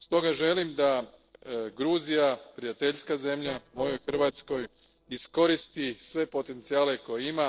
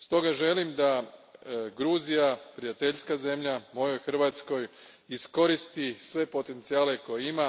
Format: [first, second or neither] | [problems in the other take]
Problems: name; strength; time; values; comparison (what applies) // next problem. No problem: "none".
second | noise reduction (neural separator model SepFormer DNS4)